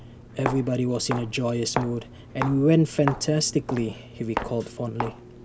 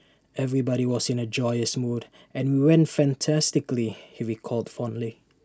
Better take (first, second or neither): second